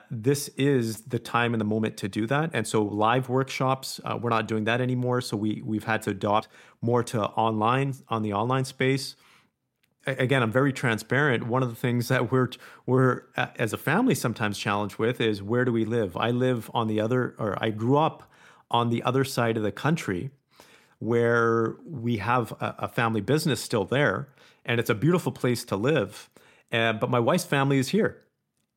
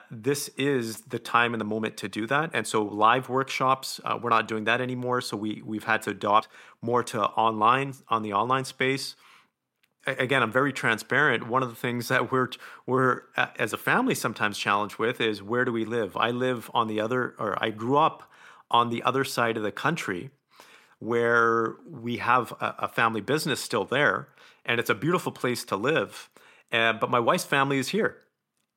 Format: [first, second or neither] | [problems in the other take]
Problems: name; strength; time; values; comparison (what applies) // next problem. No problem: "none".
first | thin; very slightly; fading below 550 Hz